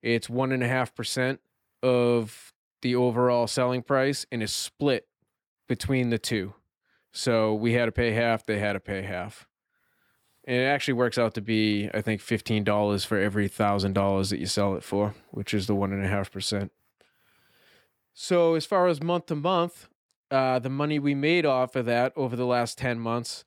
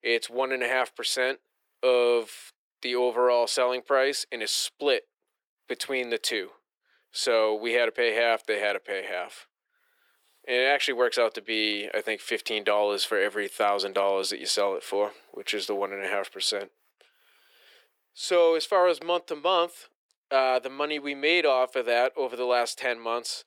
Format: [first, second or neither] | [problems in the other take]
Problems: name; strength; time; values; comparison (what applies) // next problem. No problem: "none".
first | thin; very; fading below 400 Hz